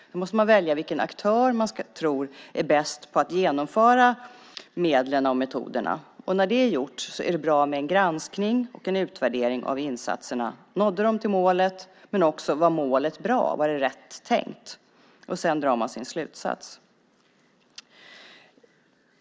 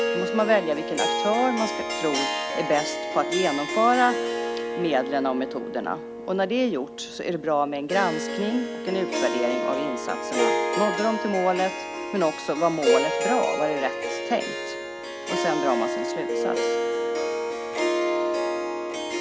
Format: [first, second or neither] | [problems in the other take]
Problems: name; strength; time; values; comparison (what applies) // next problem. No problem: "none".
first | background sound (Harp); 1 dB below the speech